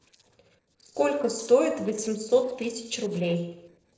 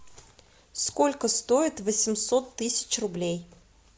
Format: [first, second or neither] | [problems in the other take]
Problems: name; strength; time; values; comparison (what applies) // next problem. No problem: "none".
second | noise reduction (neural separator model SepFormer DNS4)